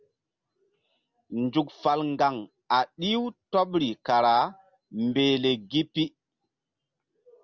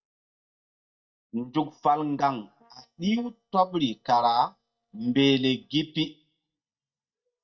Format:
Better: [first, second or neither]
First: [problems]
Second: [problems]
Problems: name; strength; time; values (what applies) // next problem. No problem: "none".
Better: first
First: none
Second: noise reduction (neural mask model DeepFilterNet 3)